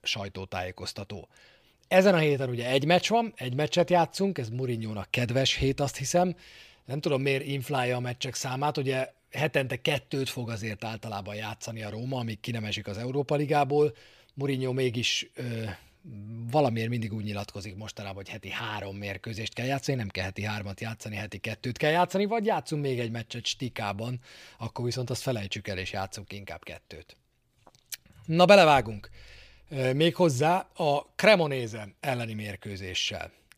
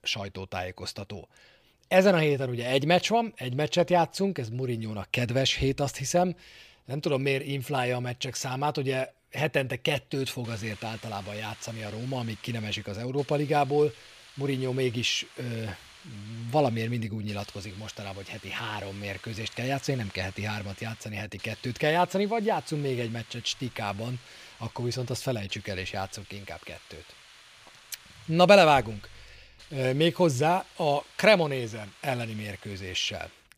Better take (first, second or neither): first